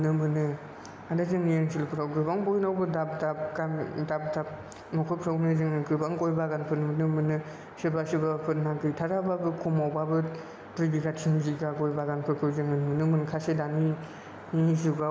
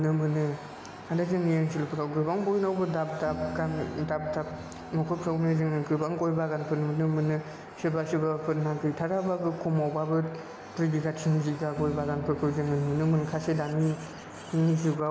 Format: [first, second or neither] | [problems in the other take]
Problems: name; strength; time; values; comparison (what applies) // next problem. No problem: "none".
first | background sound (Printer + Piano); 16 dB below the speech